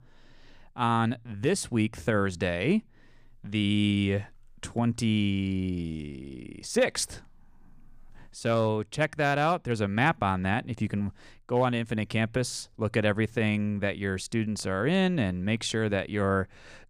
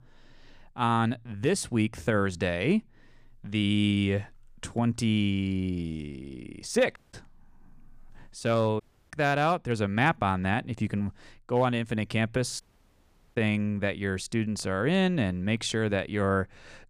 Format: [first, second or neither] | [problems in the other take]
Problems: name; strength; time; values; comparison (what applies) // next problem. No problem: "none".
first | audio cutting out; at 7 s, at 9 s and at 13 s for 1 s